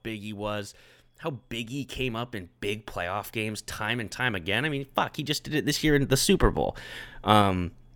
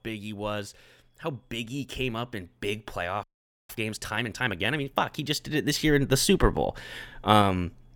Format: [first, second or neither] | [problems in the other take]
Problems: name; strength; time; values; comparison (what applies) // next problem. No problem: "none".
first | audio freezing; at 3 s